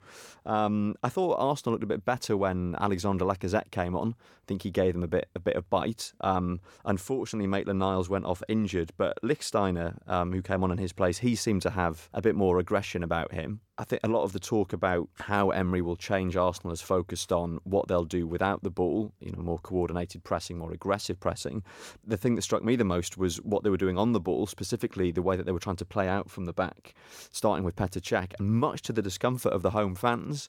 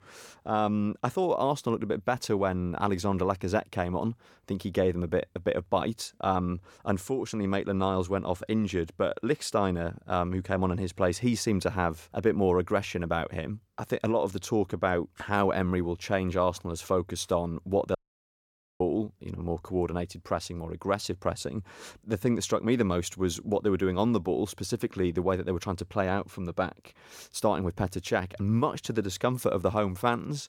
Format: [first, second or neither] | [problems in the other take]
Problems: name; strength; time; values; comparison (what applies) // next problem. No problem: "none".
first | audio cutting out; at 18 s for 1 s